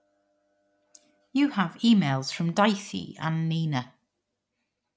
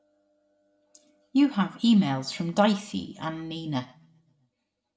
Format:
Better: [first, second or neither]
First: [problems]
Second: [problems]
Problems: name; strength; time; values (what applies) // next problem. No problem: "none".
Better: first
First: none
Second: room echo; dies away in 0.4 s